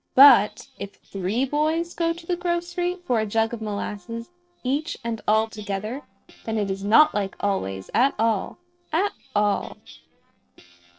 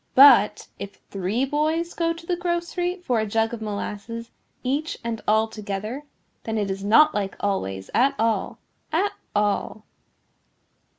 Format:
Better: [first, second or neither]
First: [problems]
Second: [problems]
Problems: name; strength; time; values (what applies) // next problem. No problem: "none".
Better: second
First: noise reduction (neural separator model SepFormer DNS4)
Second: none